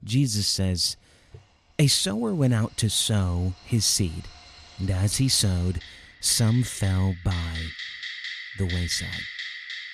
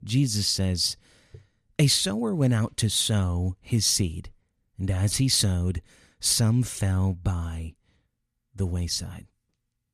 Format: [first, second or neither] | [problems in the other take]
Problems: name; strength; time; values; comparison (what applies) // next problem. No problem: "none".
second | household noises; noticeable; throughout; 10 dB below the speech